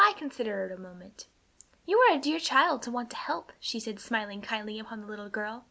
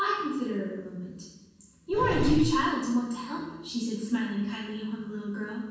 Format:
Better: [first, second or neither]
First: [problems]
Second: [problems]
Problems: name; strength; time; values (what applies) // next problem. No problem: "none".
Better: first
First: none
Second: background sound (Engine); 8 dB below the speech // room echo; dies away in 1.2 s